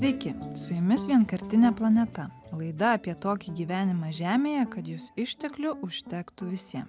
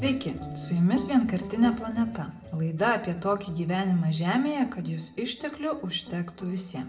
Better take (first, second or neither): first